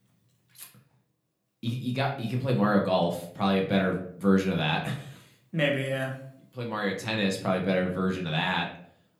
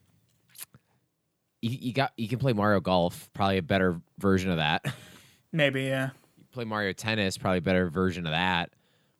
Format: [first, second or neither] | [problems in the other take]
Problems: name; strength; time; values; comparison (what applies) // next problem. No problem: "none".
second | room echo; slight; dies away in 0.4 s // off-mic speech; somewhat distant